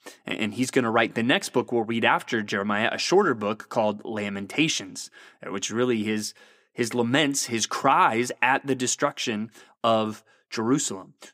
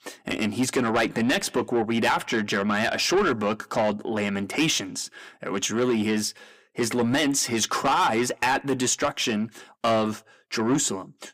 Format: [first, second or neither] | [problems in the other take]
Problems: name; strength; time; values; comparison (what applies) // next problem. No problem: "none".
first | distortion; heavy; 8 dB below the speech